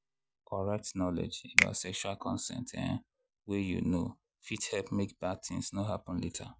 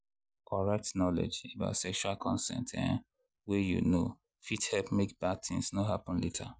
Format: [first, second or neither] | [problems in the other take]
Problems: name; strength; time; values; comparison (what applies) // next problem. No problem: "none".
second | background sound (Finger snapping); as loud as the speech